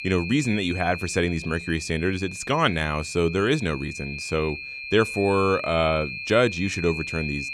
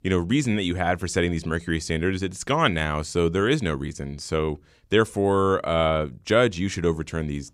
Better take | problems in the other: second | high-pitched whine; loud; throughout; 2.5 kHz, 8 dB below the speech

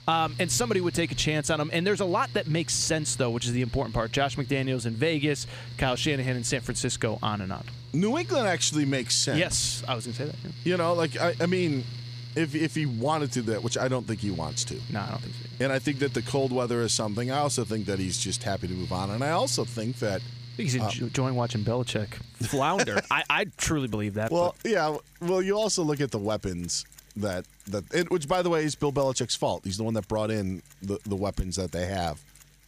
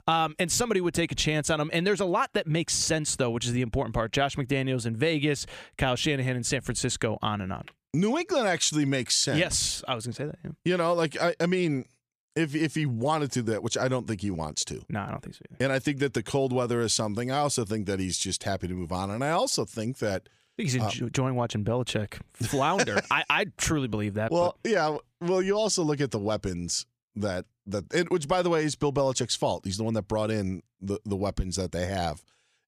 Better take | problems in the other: second | machinery noise; noticeable; throughout; 10 dB below the speech

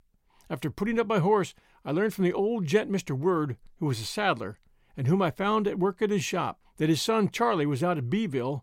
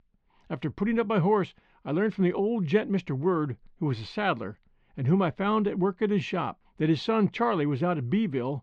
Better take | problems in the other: first | muffled; slightly; fading above 3.5 kHz

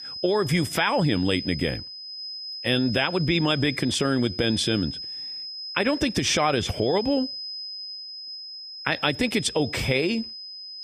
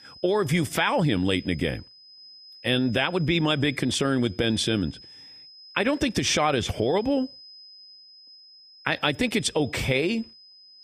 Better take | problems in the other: second | high-pitched whine; loud; throughout; 5 kHz, 10 dB below the speech; faint in the second

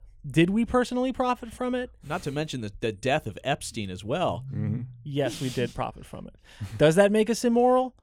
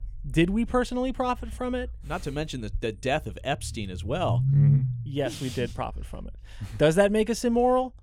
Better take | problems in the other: first | low rumble; loud; throughout; 8 dB below the speech; faint in the first

